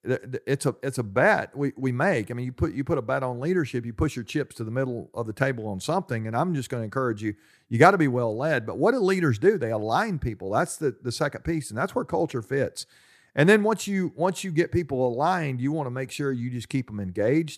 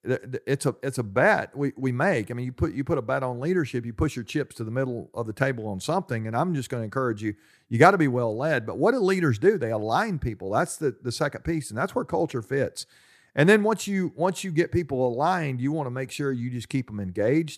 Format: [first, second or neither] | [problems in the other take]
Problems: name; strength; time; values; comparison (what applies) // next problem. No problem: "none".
neither | none